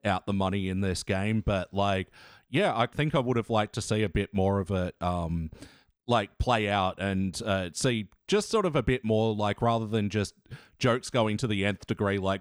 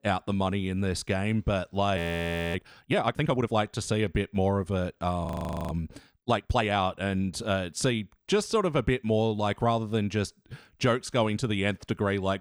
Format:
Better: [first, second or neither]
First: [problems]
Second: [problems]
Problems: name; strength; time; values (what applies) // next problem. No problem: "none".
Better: first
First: none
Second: audio freezing; at 2 s for 0.5 s and at 5.5 s